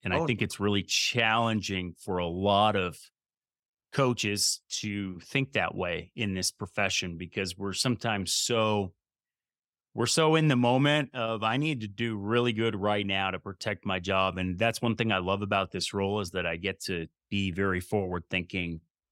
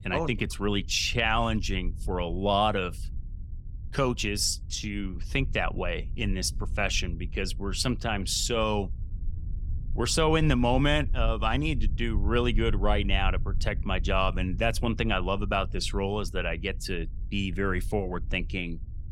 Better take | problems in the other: first | low rumble; faint; throughout; 25 dB below the speech

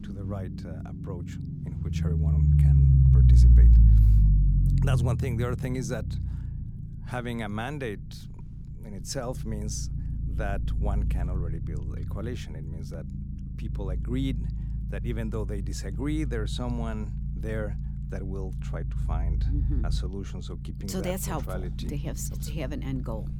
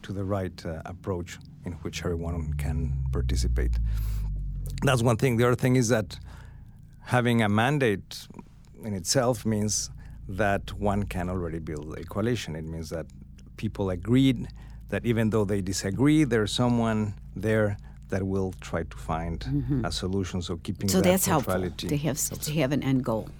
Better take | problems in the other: second | low rumble; loud; throughout; 4 dB below the speech; faint in the second

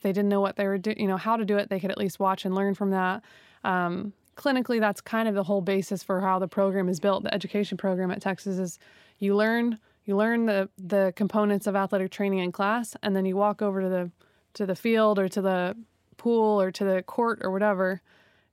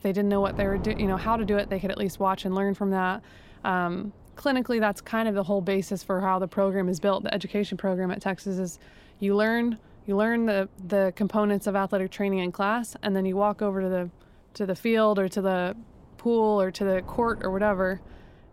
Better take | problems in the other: first | wind noise on the microphone; occasional gusts; 25 dB below the speech

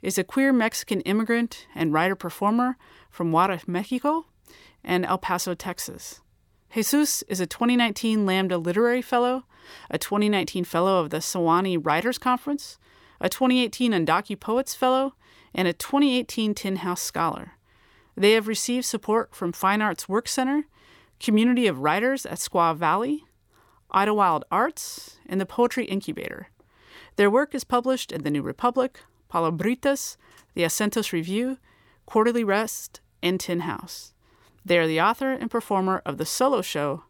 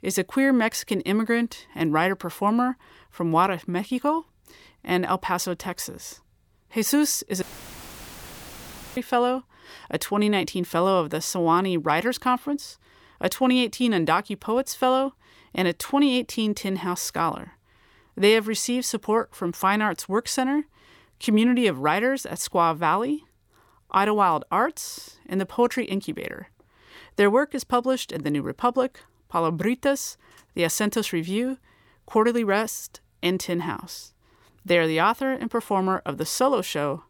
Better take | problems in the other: first | audio cutting out; filled with static; at 7.5 s for 1.5 s

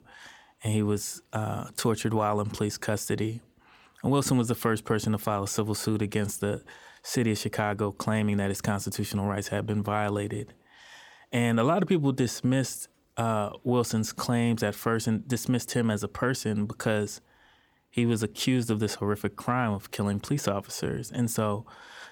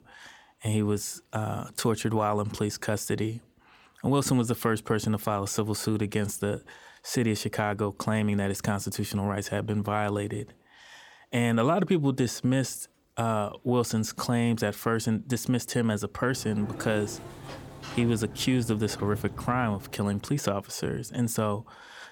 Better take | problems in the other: first | door banging; noticeable; from 16 to 20 s; peak 10 dB below the speech

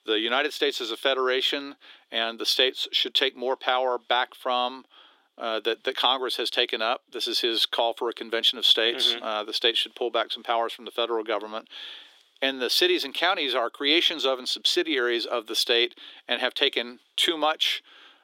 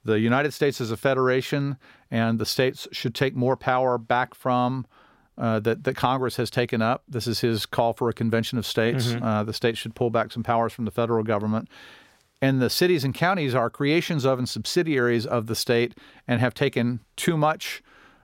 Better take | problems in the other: second | thin; somewhat; fading below 300 Hz

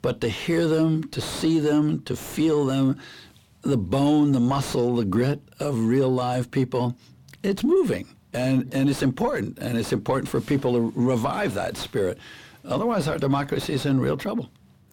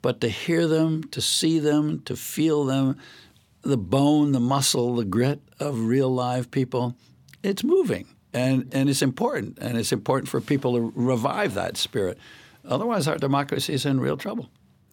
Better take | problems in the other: second | distortion; slight; 10 dB below the speech

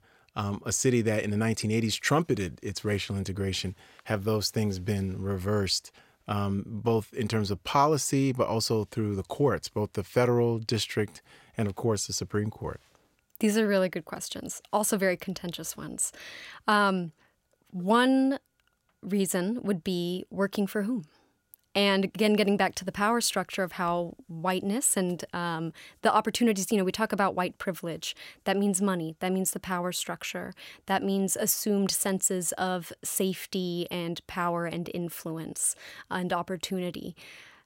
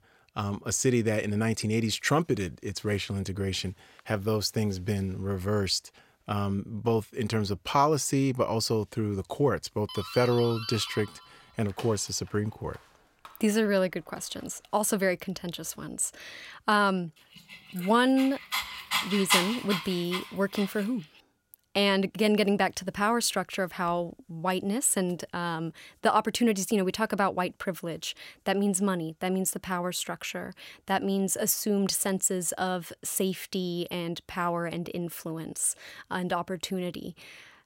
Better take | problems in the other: first | doorbell; noticeable; from 10 to 14 s; peak 9 dB below the speech // dog barking; loud; from 18 to 21 s; peak 4 dB above the speech

